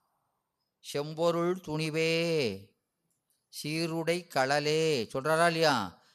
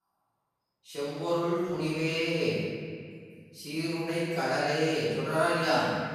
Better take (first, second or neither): first